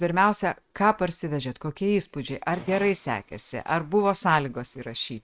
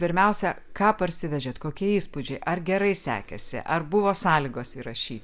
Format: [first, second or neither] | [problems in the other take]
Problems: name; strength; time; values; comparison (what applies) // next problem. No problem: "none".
second | noise reduction (neural mask model RNNoise)